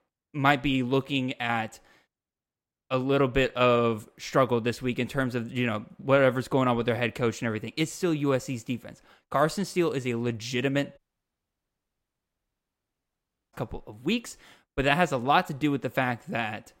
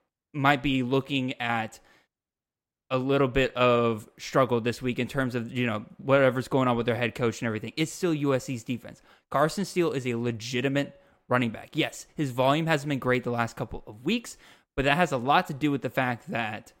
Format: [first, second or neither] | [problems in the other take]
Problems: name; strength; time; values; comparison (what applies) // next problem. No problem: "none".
second | audio cutting out; at 11 s for 2.5 s